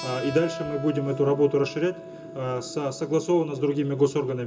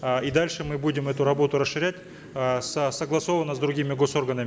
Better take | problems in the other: second | background sound (Keyboard (musical)); 14 dB below the speech // room echo; dies away in 0.2 s

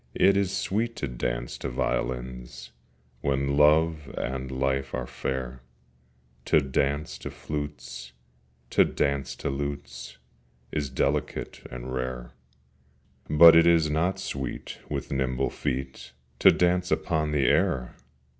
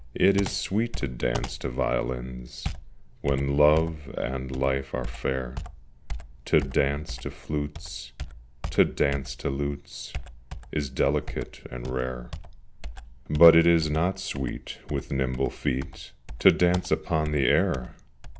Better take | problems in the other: first | background sound (Computer keyboard); 11 dB below the speech

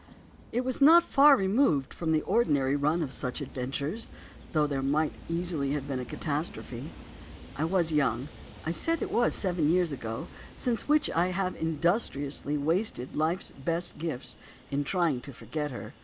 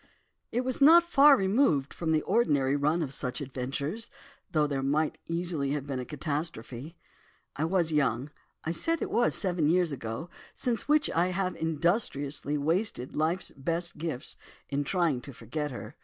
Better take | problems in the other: second | background sound (Train); 18 dB below the speech

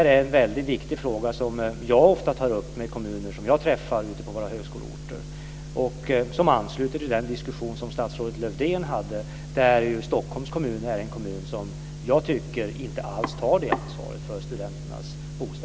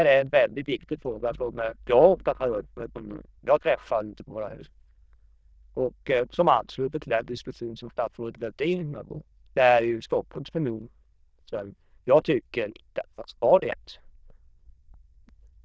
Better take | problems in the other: first | noise reduction (neural diffusion model UNIVERSE++)

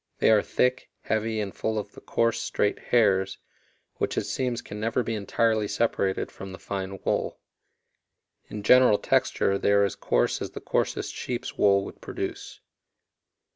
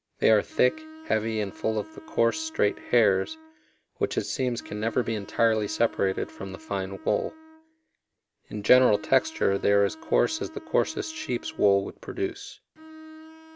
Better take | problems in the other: first | background sound (Bowed string instrument); 20 dB below the speech

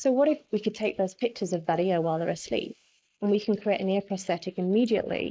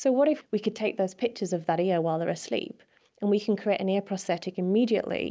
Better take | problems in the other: second | noise reduction (neural mask model Resemble Enhance denoiser)

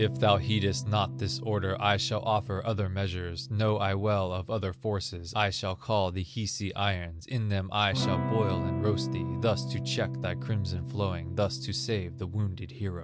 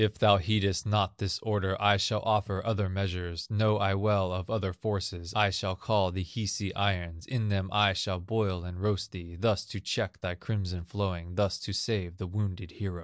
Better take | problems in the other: second | background sound (Electric guitar / Strum); 7 dB below the speech

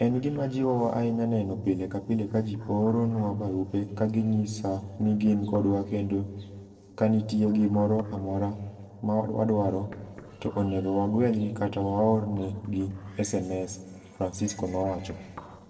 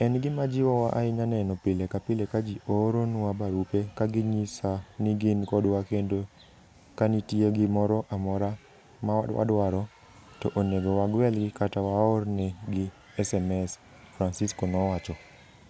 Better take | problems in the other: second | noise reduction (neural separator model SepFormer DNS4)

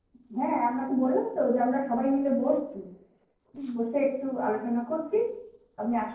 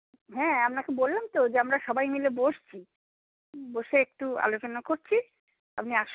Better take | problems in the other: second | noise reduction (neural separator model SepFormer DNS4)

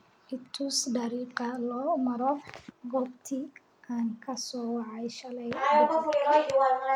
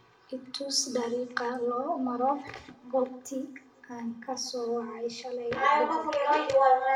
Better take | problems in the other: first | room echo; dies away in 0.6 s

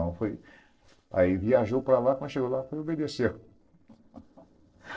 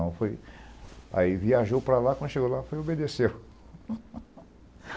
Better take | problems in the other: second | noise reduction (neural separator model SepFormer DNS4)

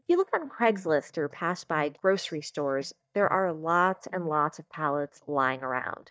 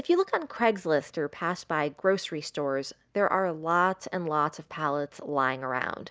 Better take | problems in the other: second | noise reduction (neural mask model DeepFilterNet 3)

